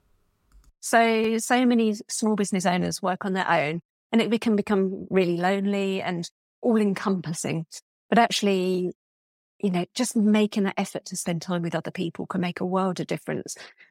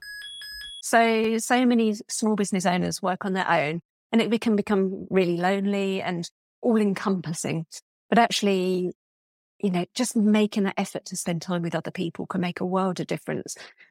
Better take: first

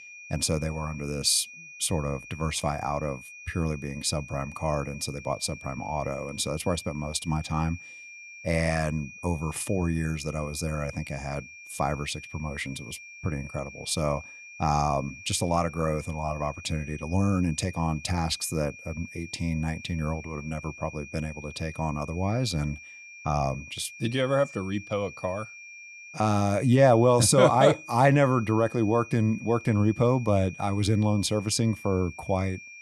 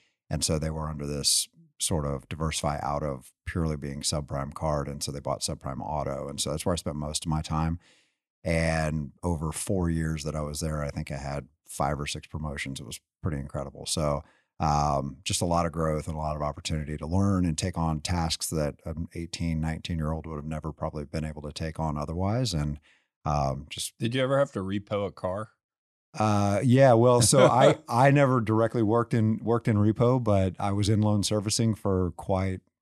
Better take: second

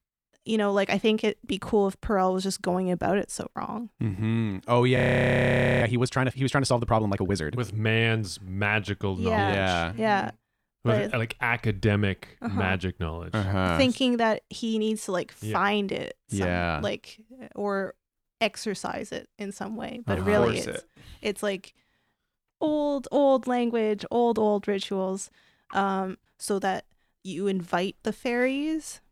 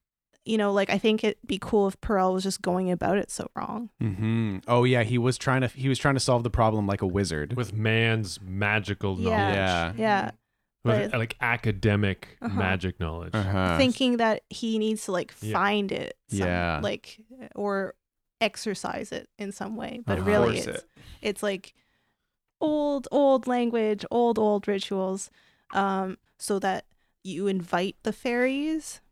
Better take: second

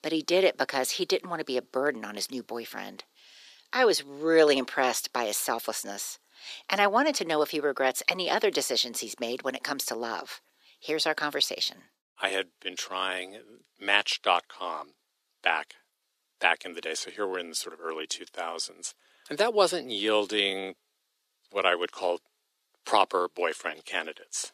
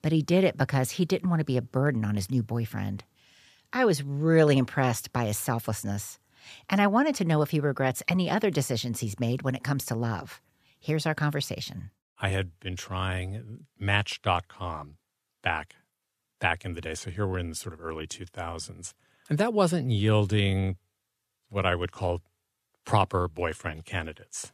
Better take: second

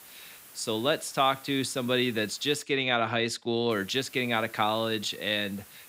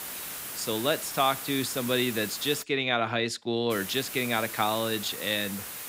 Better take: first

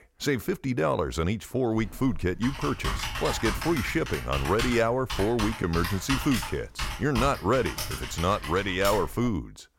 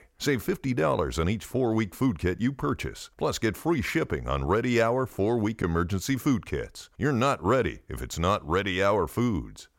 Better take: second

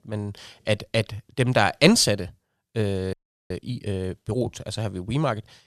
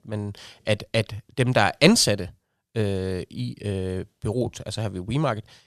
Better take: second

